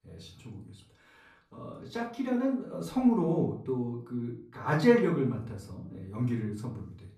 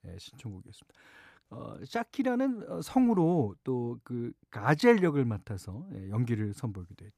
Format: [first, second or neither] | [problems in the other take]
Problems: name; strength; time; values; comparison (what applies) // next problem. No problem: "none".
second | off-mic speech; far // room echo; slight; dies away in 0.4 s